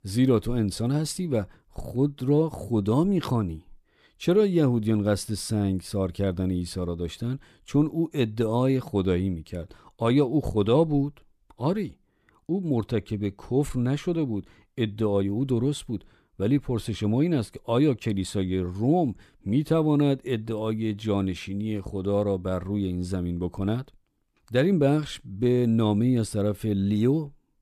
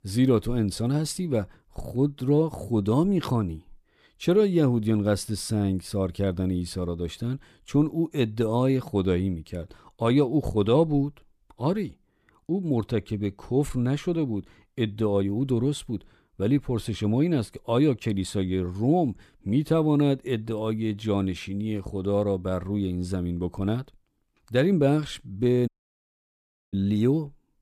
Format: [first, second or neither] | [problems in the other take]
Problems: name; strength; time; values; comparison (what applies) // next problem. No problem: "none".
first | audio cutting out; at 26 s for 1 s